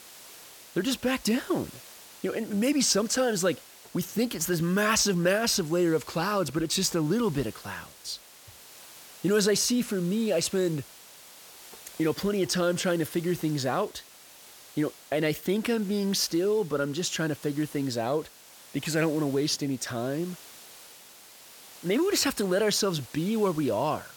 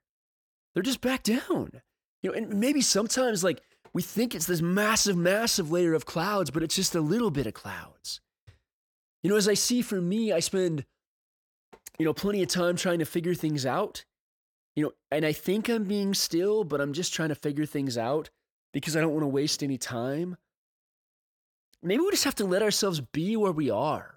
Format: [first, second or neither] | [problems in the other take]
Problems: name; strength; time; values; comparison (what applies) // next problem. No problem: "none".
second | hiss; noticeable; throughout; 20 dB below the speech